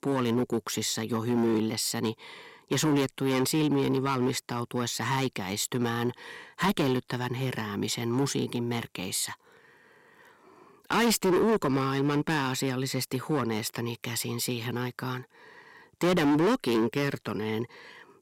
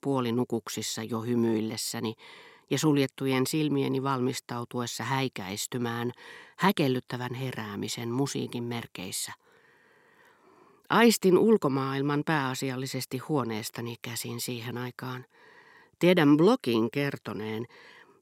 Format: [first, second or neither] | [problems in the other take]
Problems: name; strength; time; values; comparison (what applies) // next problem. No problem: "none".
second | distortion; heavy; 8% of the sound clipped